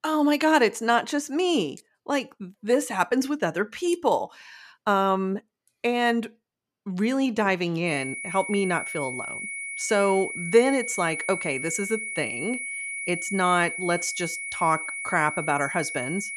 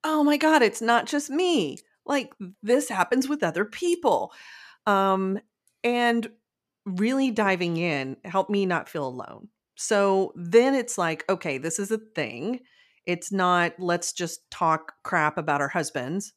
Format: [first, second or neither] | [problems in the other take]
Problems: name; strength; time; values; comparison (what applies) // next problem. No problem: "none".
second | high-pitched whine; loud; from 8 s on; 2 kHz, 6 dB below the speech